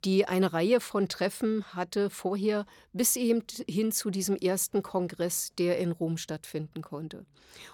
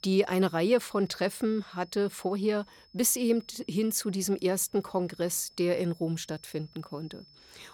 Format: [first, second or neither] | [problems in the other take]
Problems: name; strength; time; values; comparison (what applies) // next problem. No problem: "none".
first | high-pitched whine; faint; throughout; 5.5 kHz, 25 dB below the speech